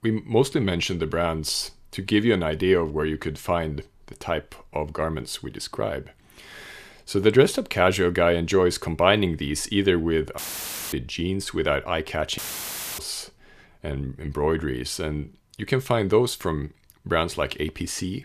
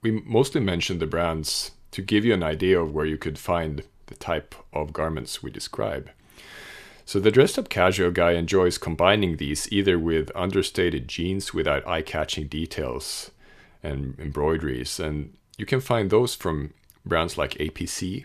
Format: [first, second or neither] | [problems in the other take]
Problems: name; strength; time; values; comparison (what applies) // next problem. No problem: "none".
second | audio cutting out; filled with static; at 10 s for 0.5 s and at 12 s for 0.5 s